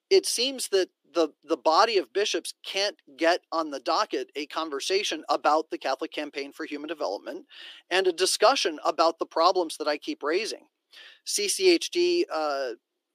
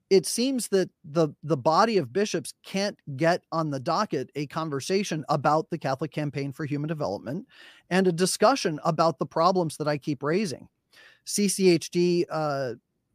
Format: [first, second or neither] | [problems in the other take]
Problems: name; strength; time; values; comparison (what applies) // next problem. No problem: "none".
second | thin; very; fading below 300 Hz